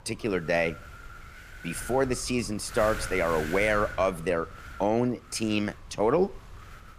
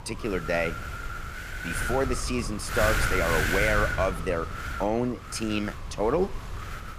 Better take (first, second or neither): first